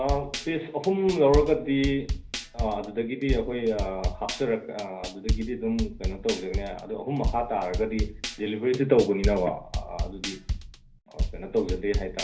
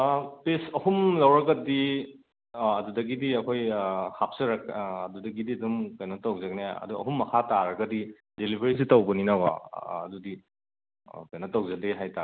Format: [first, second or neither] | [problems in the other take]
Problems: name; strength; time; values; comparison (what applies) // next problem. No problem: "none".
second | background sound (Drum / Drum kit); 4 dB below the speech // room echo; dies away in 0.3 s